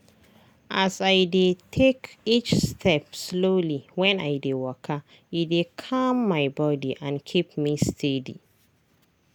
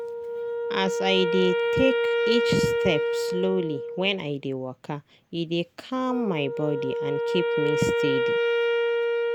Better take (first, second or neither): first